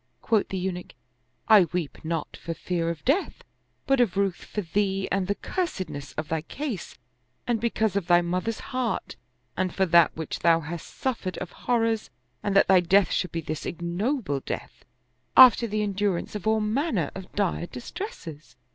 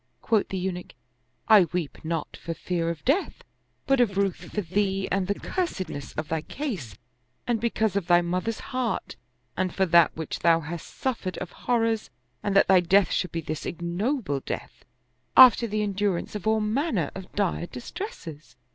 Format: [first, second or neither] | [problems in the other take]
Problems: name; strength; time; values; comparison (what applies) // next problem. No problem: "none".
first | background sound (Scratching (performance technique)); 15 dB below the speech